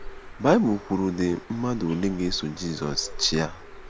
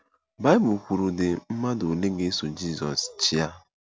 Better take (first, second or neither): second